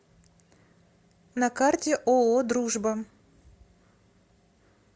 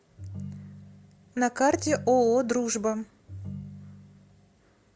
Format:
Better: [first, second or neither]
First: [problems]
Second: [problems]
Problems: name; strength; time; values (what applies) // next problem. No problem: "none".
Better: first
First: none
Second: background sound (Ringtone); 14 dB below the speech